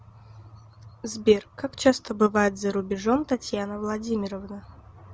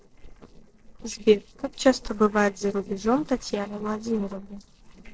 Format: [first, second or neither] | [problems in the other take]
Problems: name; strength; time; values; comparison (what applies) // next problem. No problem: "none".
first | noise reduction (neural separator model SepFormer DNS4)